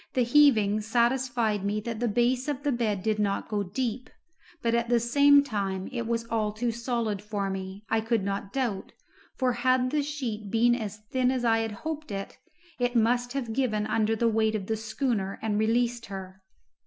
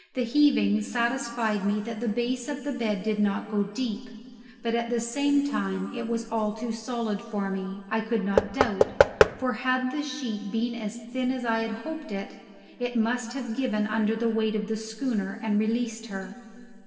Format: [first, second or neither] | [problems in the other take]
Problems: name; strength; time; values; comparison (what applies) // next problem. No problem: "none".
first | background sound (Knock / Wood); 2 dB above the speech // room echo; dies away in 2.3 s